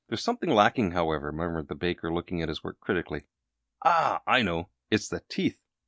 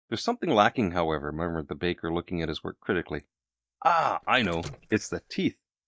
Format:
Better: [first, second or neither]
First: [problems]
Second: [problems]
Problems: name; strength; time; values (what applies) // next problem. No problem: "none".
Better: first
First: none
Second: noise reduction (neural mask model DeepFilterNet 3)